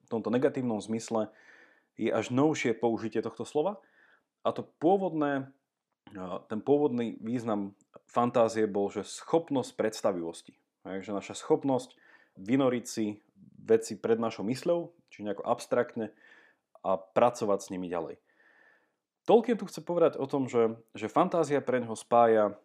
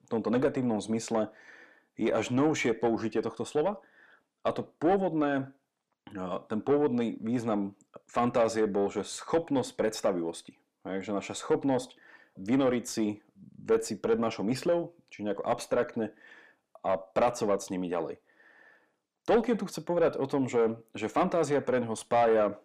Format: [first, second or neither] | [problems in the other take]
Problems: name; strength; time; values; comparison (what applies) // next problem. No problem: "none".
first | distortion; slight; 10 dB below the speech